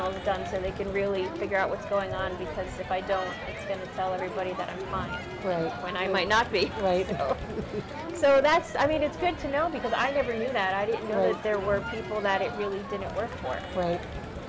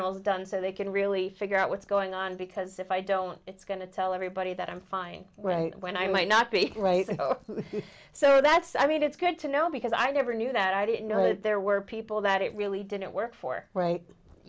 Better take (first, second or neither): second